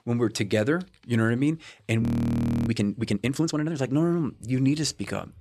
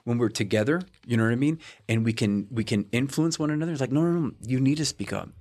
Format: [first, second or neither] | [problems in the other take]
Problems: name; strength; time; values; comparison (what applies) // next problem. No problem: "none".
second | audio freezing; at 2 s for 0.5 s